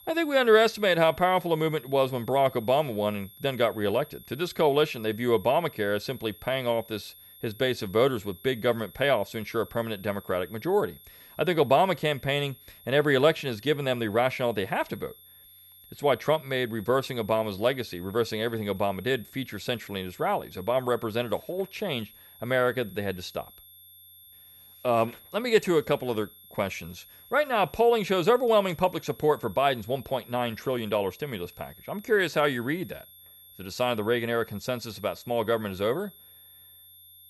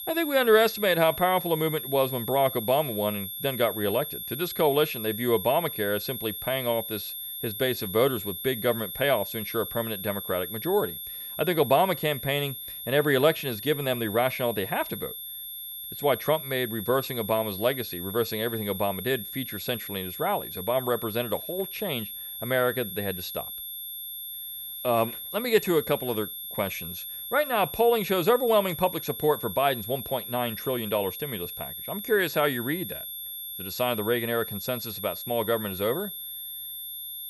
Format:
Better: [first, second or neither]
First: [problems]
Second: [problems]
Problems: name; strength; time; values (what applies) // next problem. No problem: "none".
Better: first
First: high-pitched whine; faint; throughout; 11.5 kHz, 20 dB below the speech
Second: high-pitched whine; loud; throughout; 11.5 kHz, 7 dB below the speech